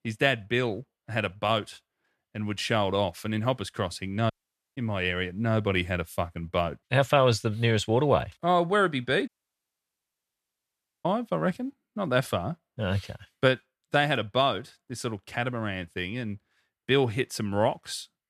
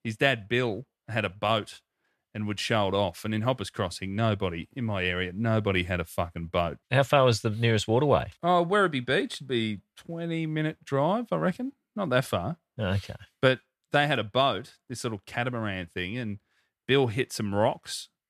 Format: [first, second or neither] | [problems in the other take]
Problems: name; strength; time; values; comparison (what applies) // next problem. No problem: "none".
second | audio cutting out; at 4.5 s and at 9.5 s for 2 s